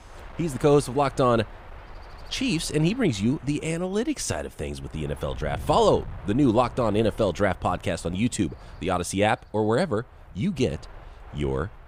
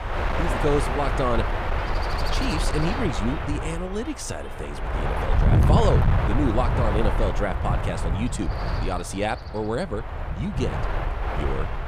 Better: first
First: wind noise on the microphone; occasional gusts; 20 dB below the speech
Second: wind noise on the microphone; heavy; as loud as the speech

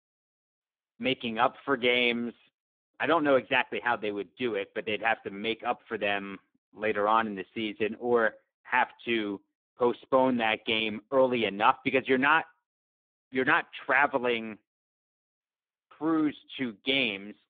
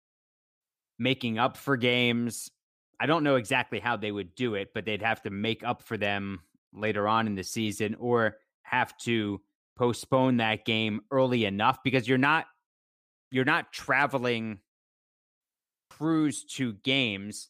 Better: second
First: phone-call audio; poor line; nothing above 3.5 kHz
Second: none

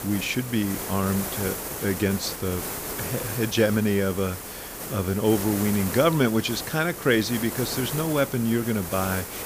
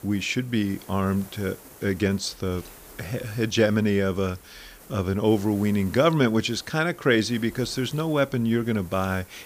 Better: second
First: hiss; loud; throughout; 7 dB below the speech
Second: hiss; faint; throughout; 20 dB below the speech

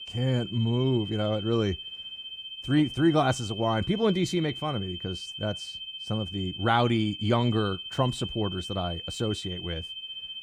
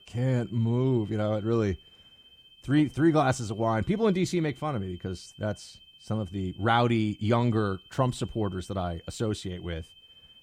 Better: second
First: high-pitched whine; loud; throughout; 3 kHz, 9 dB below the speech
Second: high-pitched whine; faint; throughout; 3 kHz, 25 dB below the speech

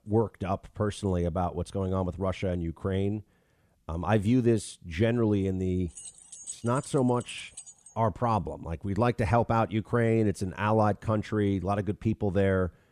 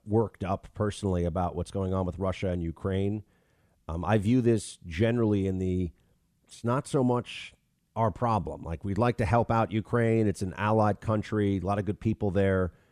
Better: second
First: jangling keys; faint; from 6 to 8 s; peak 10 dB below the speech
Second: none

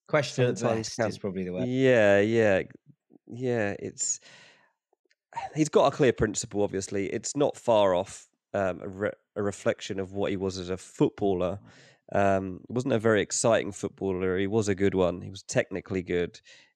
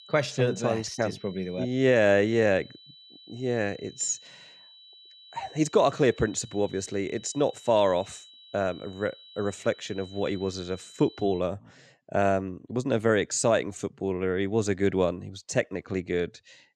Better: first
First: none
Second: high-pitched whine; faint; until 11 s; 4 kHz, 20 dB below the speech

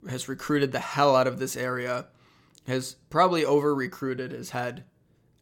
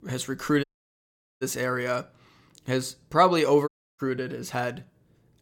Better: first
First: none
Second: audio cutting out; at 0.5 s for 1 s and at 3.5 s

